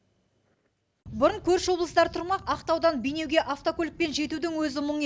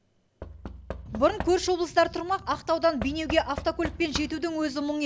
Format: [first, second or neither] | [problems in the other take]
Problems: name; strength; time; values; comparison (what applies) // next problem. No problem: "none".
first | background sound (Knock / Wood); 13 dB below the speech